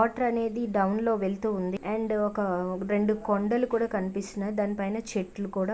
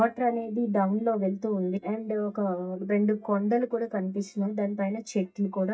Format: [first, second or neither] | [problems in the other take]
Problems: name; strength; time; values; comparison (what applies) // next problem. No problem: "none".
first | noise reduction (neural mask model DeepFilterNet 3)